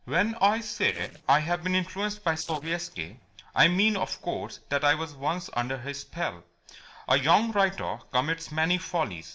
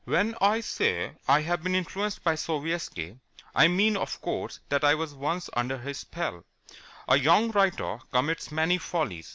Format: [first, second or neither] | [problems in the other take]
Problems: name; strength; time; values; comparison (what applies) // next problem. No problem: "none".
second | noise reduction (neural separator model SepFormer DNS4)